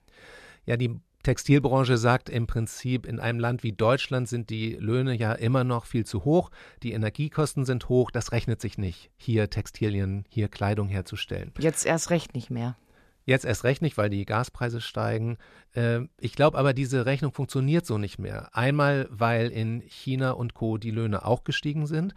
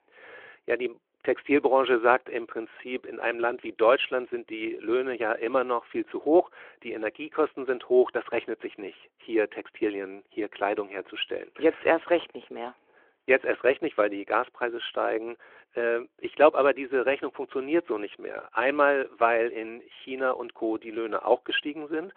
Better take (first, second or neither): first